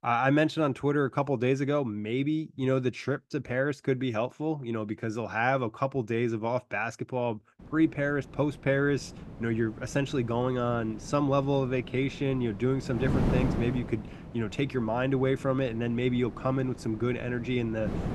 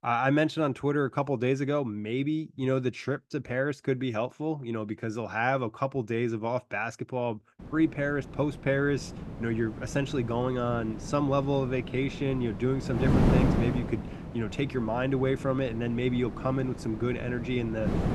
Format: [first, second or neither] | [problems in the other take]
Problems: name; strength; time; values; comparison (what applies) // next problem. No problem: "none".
first | wind noise on the microphone; heavy; from 7.5 s on; 8 dB below the speech; occasional gusts in the first